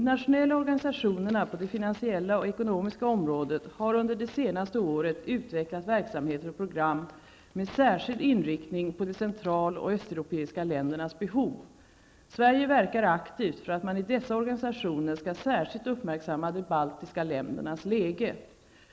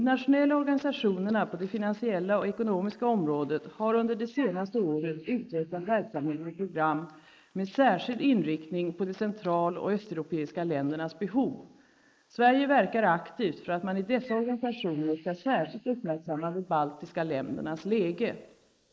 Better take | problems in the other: first | noise reduction (neural mask model Resemble Enhance denoiser)

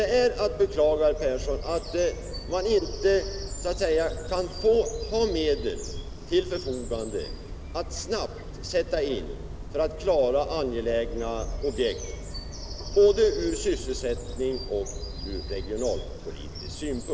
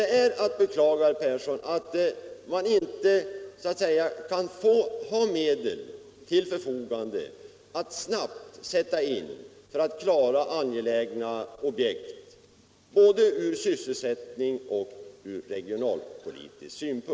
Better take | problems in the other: second | background sound (Bird vocalization, bird call, bird song); 8 dB below the speech

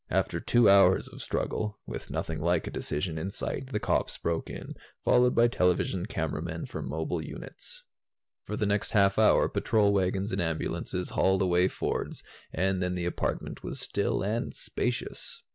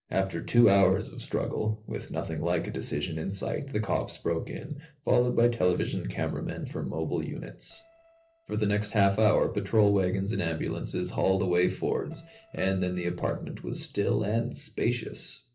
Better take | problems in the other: first | noise reduction (neural separator model SepFormer DNS4)

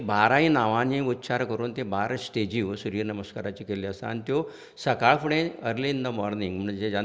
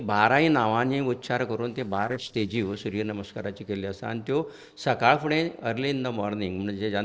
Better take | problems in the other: first | noise reduction (neural separator model SepFormer DNS4)

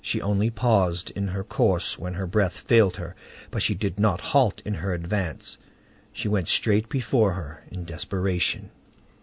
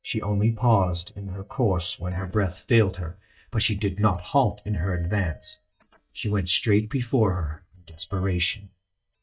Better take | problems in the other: first | noise reduction (neural mask model DeepFilterNet 3)

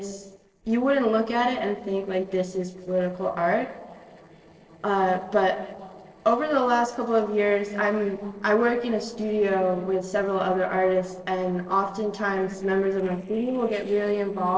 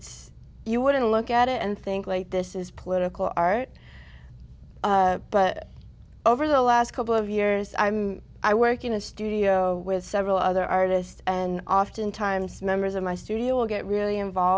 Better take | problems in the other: second | noise reduction (neural separator model SepFormer DNS4)

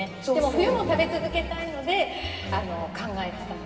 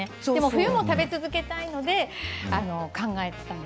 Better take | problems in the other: second | background sound (Organ); 19 dB below the speech // room echo; dies away in 2.6 s

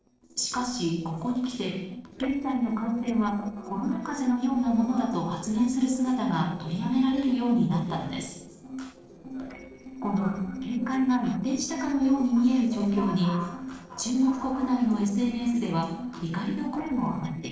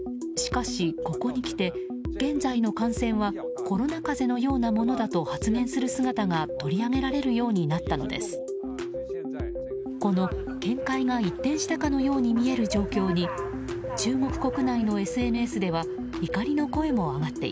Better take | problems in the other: second | noise reduction (neural separator model SepFormer DNS4)

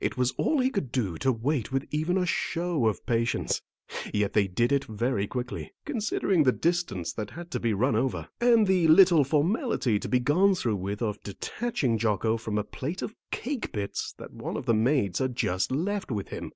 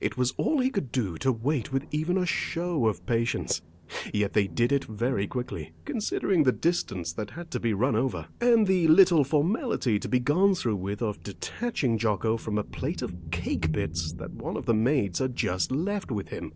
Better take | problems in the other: first | background sound (Thunder); 15 dB below the speech

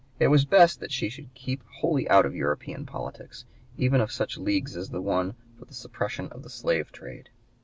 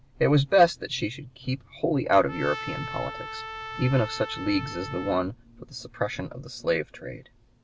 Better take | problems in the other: first | background sound (Trumpet); 11 dB below the speech

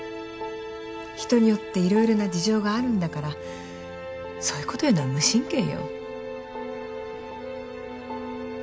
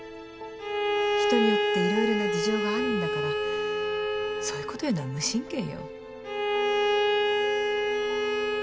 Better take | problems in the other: first | background sound (Bowed string instrument); 5 dB above the speech

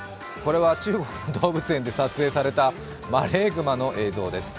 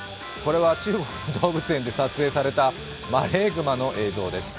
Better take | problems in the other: first | background sound (Domestic sounds, home sounds); 18 dB below the speech

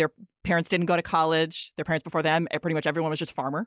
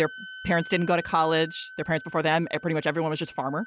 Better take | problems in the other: first | background sound (Wind instrument, woodwind instrument); 17 dB below the speech

